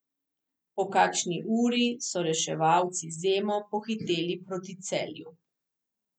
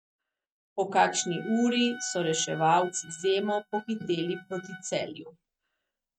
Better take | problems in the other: first | noise reduction (neural mask model RNNoise)

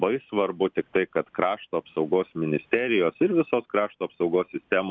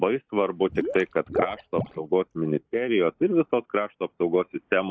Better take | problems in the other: first | noise reduction (neural mask model DeepFilterNet 3)

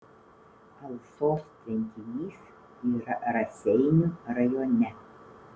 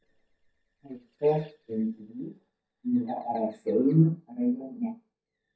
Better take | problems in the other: first | noise reduction (neural mask model DeepFilterNet 3)

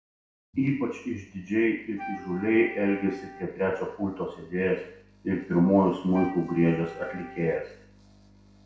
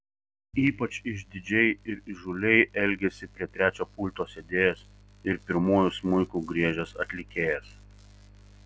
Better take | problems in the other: second | background sound (Wind instrument, woodwind instrument); 16 dB below the speech // room echo; dies away in 0.6 s

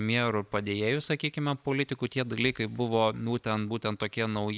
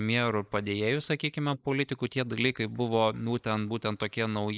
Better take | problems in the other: first | noise reduction (neural mask model Resemble Enhance denoiser)

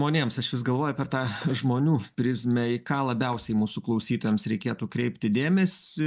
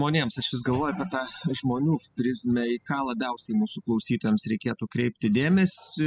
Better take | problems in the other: first | noise reduction (classical method spectral subtraction)

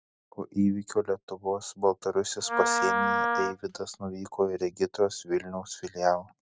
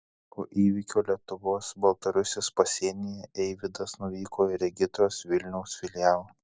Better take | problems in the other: second | noise reduction (neural mask model RNNoise)

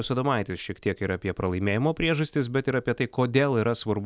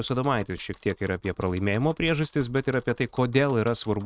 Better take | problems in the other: first | noise reduction (neural mask model RNNoise)

